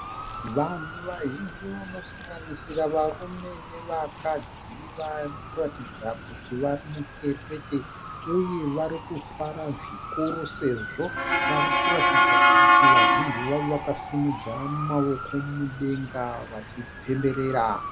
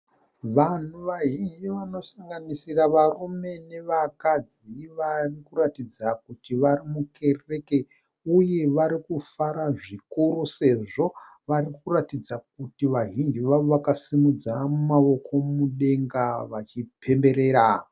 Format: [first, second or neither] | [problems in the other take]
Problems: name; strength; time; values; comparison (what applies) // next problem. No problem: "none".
second | background sound (Motor vehicle (road) / Siren); 3 dB above the speech